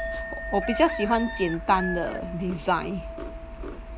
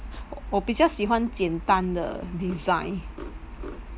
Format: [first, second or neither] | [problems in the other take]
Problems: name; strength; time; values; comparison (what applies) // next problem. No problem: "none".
second | background sound (Chink, clink + Chicken, rooster); 9 dB below the speech